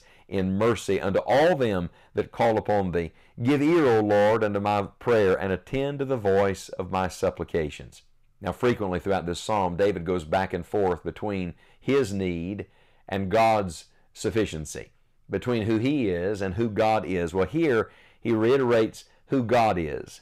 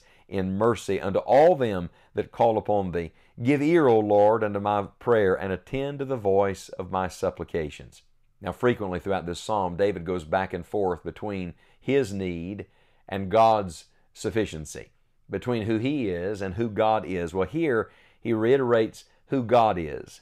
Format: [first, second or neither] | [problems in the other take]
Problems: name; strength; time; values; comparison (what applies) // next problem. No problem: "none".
second | distortion; slight; 6% of the sound clipped